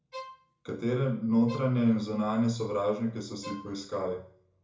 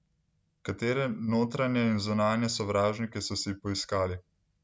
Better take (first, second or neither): second